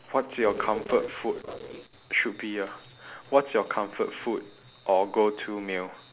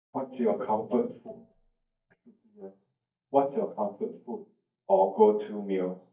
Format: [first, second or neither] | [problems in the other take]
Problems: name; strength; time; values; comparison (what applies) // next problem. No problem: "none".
first | noise reduction (neural mask model DeepFilterNet 3)